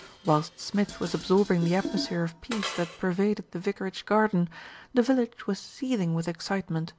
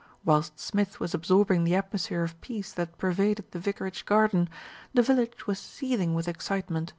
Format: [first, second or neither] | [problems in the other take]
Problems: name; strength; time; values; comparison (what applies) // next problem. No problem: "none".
second | background sound (Dishes, pots, and pans); 15 dB below the speech